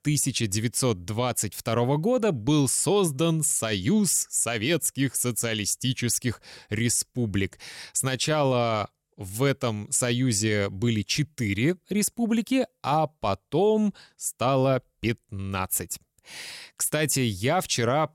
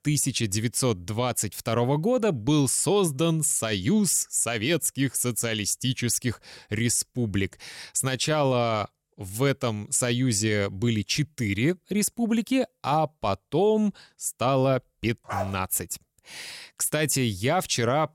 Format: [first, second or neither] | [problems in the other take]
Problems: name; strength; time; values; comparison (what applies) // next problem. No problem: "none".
first | dog barking; noticeable; at 15 s; peak 8 dB below the speech